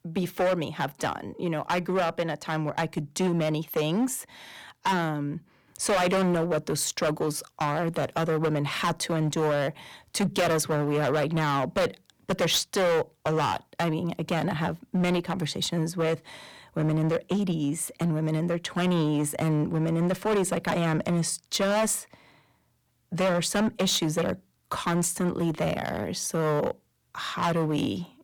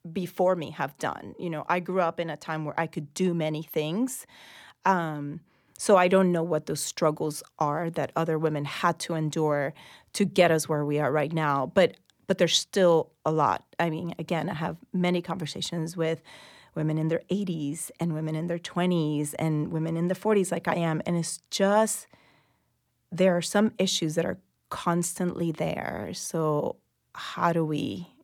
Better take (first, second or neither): second